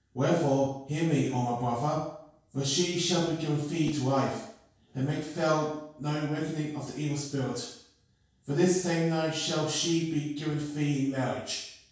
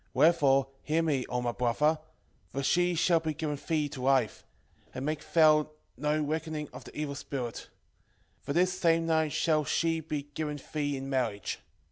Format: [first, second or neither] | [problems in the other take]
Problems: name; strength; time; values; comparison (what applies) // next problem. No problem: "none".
second | noise reduction (neural separator model SepFormer DNS4)